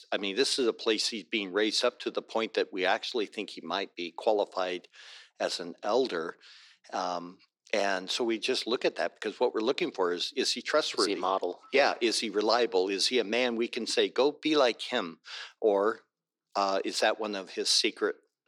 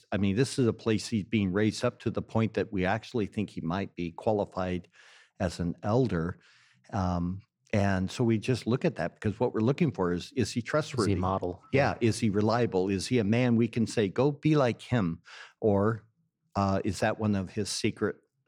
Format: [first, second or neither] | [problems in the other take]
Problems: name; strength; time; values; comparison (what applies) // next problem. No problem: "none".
second | thin; somewhat; fading below 350 Hz